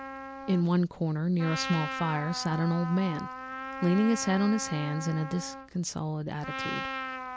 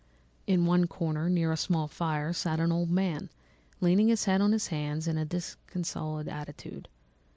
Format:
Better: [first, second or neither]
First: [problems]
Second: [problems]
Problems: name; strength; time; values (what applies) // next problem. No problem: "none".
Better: second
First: background sound (Trumpet); 9 dB below the speech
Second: none